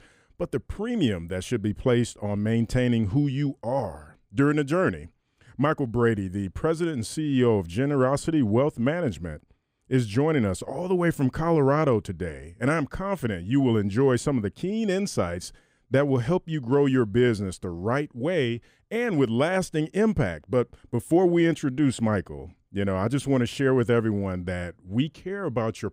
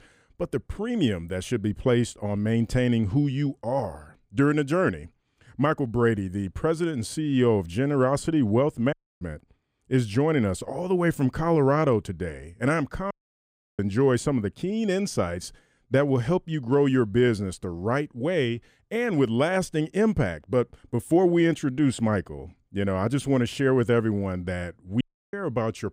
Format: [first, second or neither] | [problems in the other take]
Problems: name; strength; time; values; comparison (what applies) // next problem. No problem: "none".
first | audio cutting out; at 9 s, at 13 s for 0.5 s and at 25 s